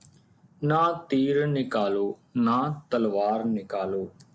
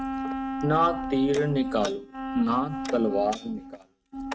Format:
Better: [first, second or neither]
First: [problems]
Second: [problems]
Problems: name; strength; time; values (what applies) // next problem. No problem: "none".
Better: first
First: none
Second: noise reduction (neural mask model RNNoise)